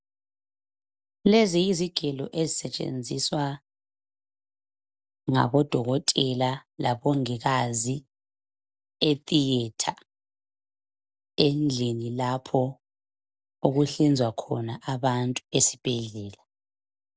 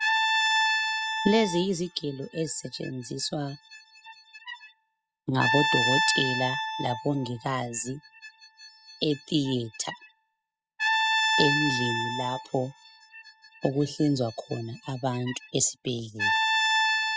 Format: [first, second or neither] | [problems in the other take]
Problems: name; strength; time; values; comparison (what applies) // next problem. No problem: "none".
first | noise reduction (classical method spectral subtraction)